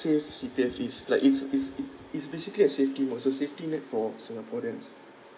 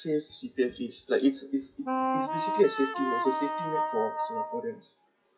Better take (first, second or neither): first